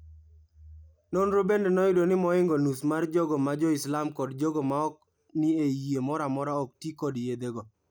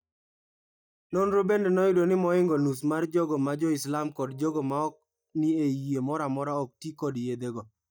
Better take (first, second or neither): first